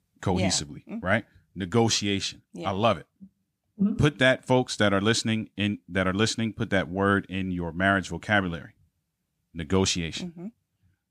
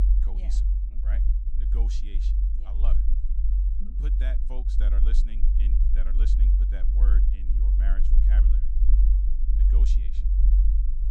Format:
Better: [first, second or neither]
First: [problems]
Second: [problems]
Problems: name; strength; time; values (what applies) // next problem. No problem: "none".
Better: first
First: none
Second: low rumble; loud; throughout; as loud as the speech